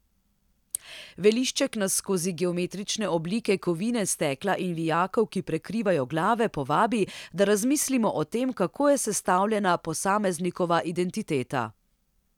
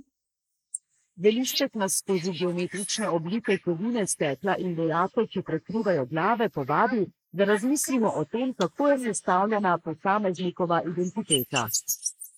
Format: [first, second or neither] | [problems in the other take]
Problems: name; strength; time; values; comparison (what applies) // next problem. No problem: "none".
first | noise reduction (neural mask model Resemble Enhance denoiser)